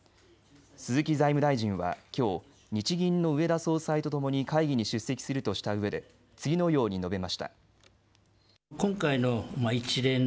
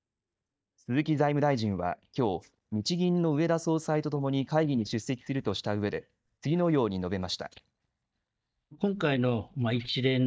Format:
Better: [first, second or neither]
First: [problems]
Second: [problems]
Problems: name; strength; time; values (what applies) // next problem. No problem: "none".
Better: first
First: none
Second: noise reduction (neural mask model DeepFilterNet 3)